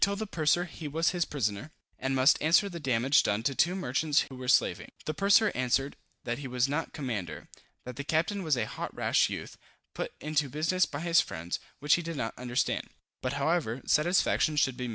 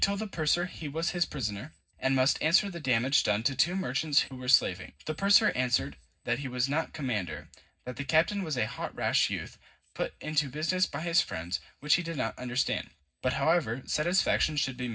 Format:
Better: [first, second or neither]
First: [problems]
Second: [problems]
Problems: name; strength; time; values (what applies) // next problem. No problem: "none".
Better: first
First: none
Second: room echo; dies away in 0.4 s